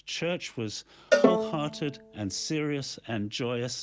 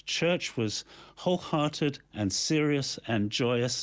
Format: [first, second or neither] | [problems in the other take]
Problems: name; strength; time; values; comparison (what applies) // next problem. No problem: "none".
second | background sound (Bowed string instrument + Cowbell); 3 dB above the speech